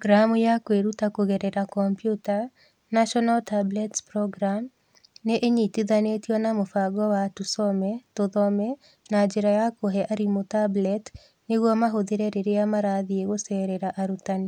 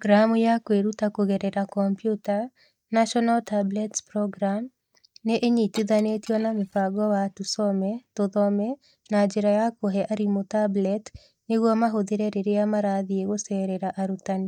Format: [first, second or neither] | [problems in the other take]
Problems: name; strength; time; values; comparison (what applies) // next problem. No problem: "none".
first | noise reduction (neural mask model DeepFilterNet 3)